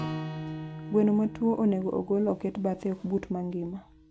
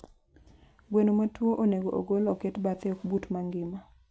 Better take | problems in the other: second | background sound (Acoustic guitar / Strum); 12 dB below the speech

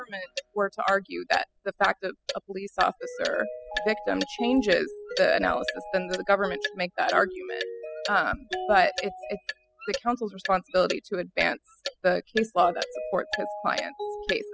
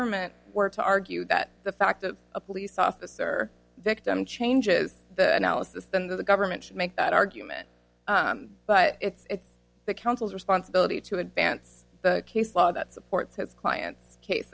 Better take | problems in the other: second | noise reduction (classical method spectral subtraction)

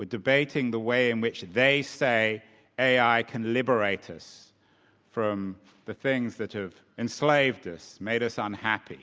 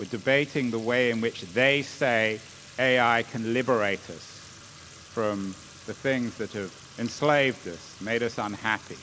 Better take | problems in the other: first | background sound (Fill (with liquid) / Trickle, dribble / Sink (filling or washing)); 19 dB below the speech

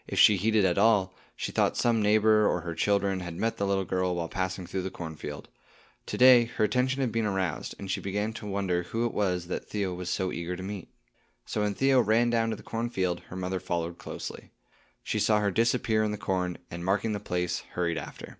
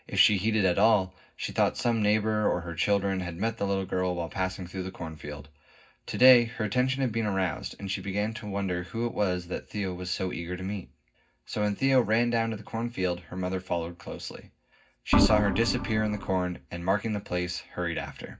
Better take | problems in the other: first | background sound (Organ); 1 dB above the speech // room echo; dies away in 0.4 s

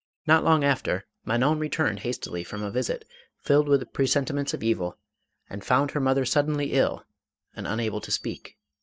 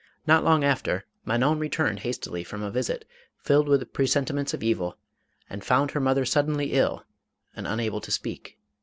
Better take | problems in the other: second | noise reduction (neural mask model DeepFilterNet 3)

